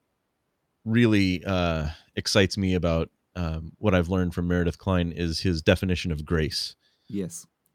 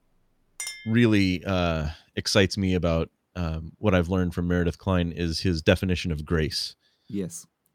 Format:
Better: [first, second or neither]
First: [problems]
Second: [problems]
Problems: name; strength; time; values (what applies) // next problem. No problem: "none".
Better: first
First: none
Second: clattering dishes; noticeable; at 0.5 s; peak 9 dB below the speech